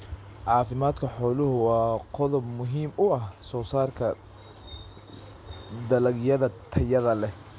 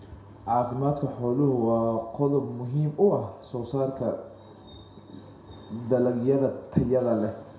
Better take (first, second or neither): first